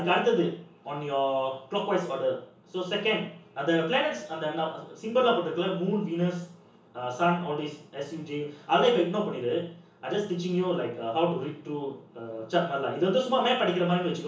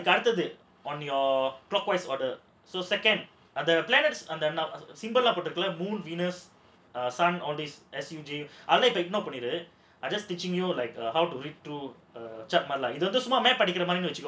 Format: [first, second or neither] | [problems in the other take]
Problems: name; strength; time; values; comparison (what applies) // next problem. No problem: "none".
second | room echo; dies away in 0.8 s